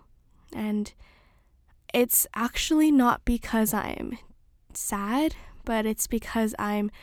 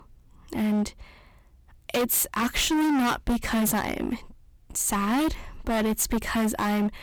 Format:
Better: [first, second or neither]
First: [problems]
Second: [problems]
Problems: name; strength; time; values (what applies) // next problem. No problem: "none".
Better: first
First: none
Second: distortion; heavy; 20% of the sound clipped